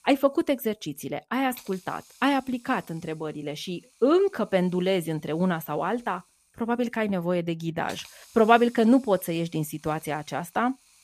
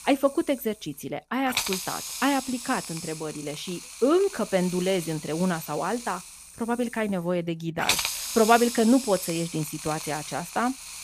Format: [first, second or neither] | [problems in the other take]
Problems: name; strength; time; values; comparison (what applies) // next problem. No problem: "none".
first | hiss; loud; throughout; 6 dB below the speech; faint in the first